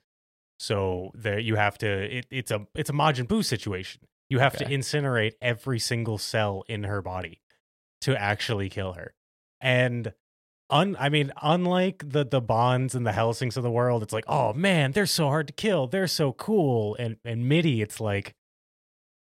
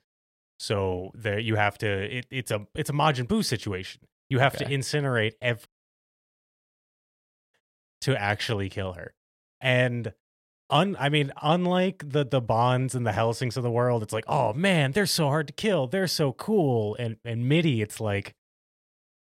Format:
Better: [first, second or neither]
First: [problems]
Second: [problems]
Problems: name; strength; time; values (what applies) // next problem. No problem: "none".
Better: first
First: none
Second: audio cutting out; at 5.5 s for 2 s